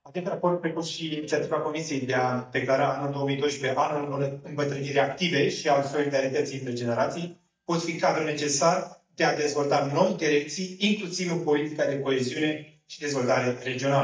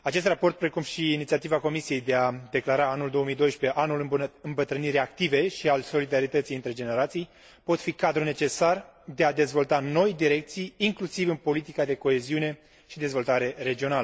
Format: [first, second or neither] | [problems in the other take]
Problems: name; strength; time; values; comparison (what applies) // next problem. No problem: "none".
second | noise reduction (neural mask model DeepFilterNet 3)